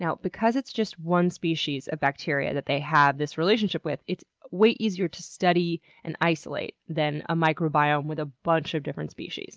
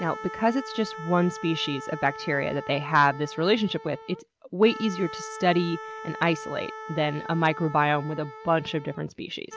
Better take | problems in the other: first | background sound (Wind instrument, woodwind instrument); 13 dB below the speech

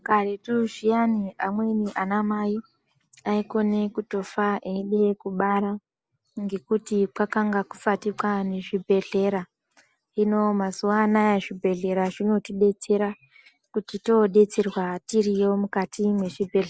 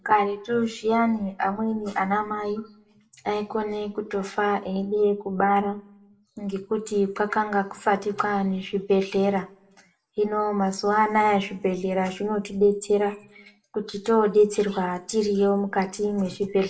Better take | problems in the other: first | room echo; dies away in 0.3 s

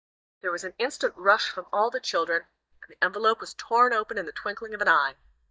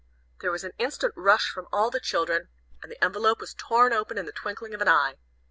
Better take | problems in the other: second | noise reduction (neural mask model DeepFilterNet 3)

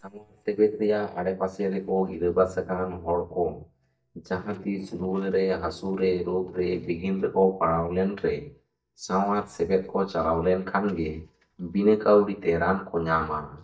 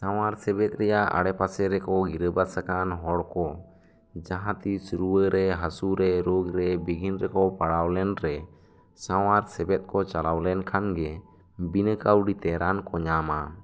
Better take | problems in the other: second | noise reduction (neural mask model DeepFilterNet 3)

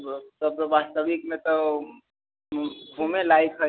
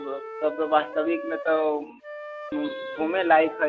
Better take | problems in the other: first | background sound (Wind instrument, woodwind instrument); 11 dB below the speech

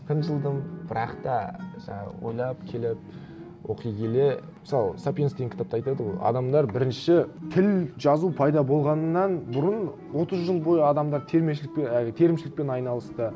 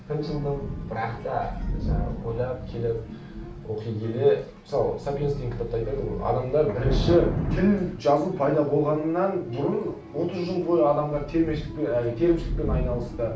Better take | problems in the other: first | background sound (Thunder / Rain); 7 dB below the speech // room echo; dies away in 0.3 s

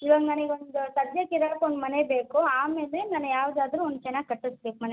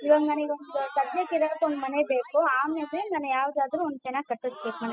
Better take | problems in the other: first | noise reduction (classical method spectral subtraction)

